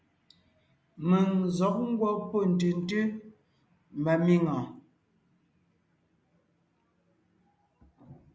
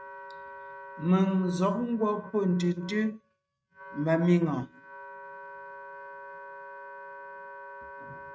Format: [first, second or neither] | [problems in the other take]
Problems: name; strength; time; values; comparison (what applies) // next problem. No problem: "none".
first | noise reduction (neural mask model RNNoise)